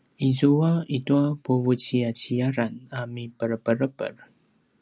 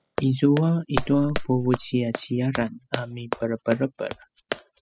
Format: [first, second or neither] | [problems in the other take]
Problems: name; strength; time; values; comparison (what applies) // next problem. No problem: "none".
first | noise reduction (classical method spectral subtraction)